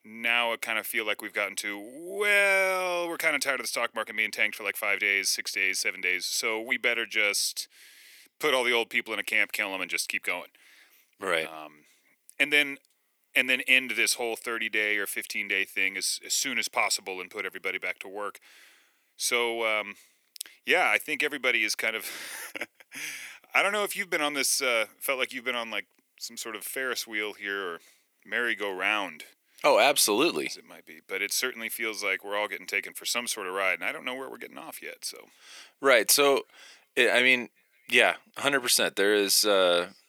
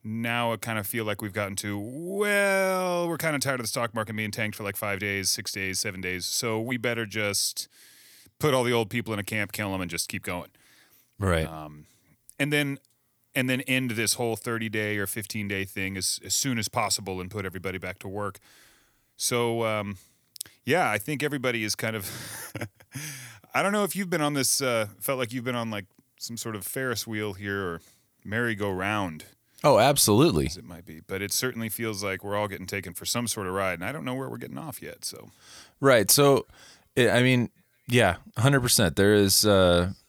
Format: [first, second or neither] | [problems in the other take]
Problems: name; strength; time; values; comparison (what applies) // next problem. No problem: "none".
second | thin; somewhat; fading below 350 Hz